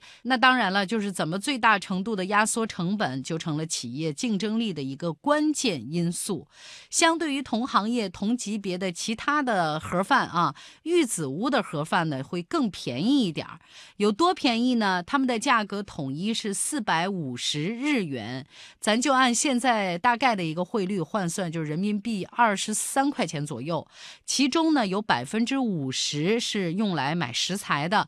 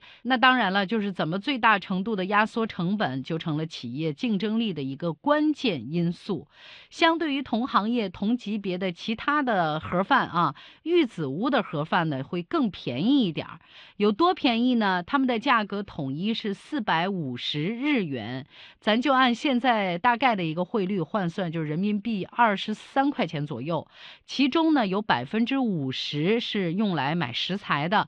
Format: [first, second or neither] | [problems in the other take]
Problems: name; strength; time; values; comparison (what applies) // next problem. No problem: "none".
first | muffled; slightly; fading above 3.5 kHz